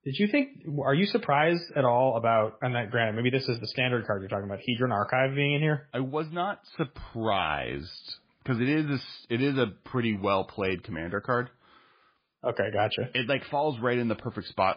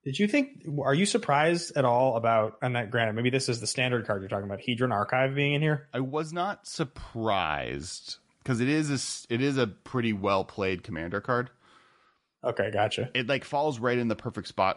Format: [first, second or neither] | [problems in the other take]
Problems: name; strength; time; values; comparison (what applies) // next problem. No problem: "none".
second | garbled, watery; badly; nothing above 5 kHz; slightly in the second